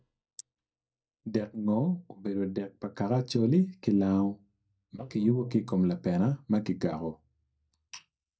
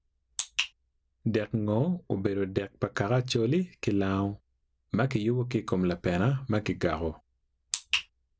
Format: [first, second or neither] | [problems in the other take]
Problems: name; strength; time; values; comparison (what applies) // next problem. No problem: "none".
second | noise reduction (neural mask model DeepFilterNet 3)